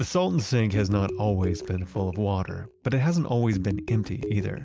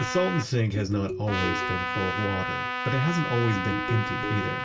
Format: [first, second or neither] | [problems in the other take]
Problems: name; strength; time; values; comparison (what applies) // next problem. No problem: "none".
first | background sound (Trumpet); 4 dB below the speech // room echo; dies away in 0.1 s